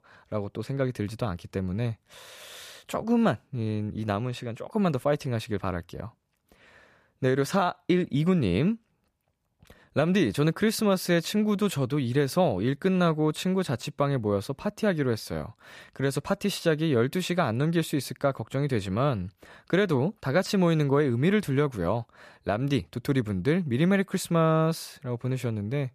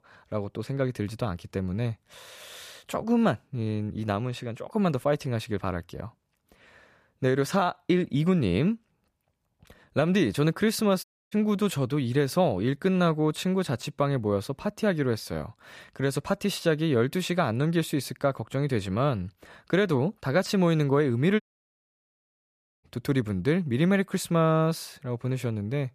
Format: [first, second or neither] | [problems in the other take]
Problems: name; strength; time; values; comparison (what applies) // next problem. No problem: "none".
first | audio cutting out; at 11 s and at 21 s for 1.5 s